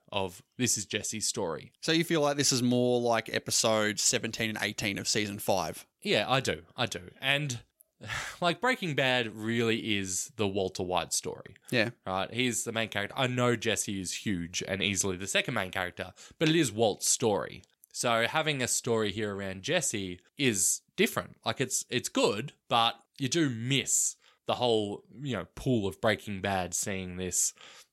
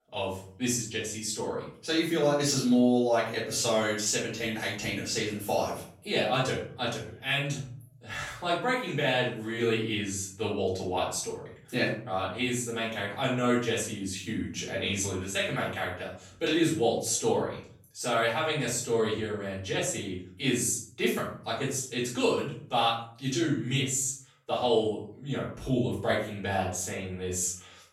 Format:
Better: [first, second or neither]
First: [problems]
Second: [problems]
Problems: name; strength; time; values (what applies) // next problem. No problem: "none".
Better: first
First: none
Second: off-mic speech; far // room echo; noticeable; dies away in 0.5 s